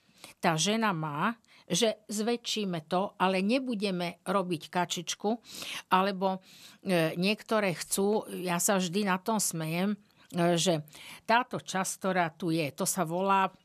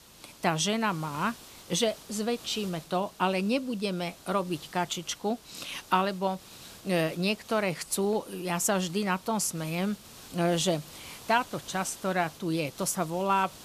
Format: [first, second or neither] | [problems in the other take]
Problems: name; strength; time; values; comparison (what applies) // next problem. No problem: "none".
first | hiss; noticeable; throughout; 20 dB below the speech